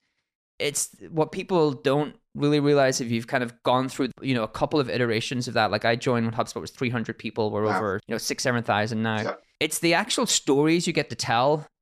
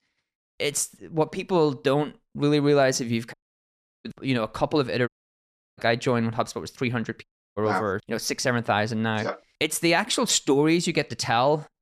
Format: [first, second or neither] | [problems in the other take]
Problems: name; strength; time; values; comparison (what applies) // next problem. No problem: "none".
first | audio cutting out; at 3.5 s for 0.5 s, at 5 s for 0.5 s and at 7 s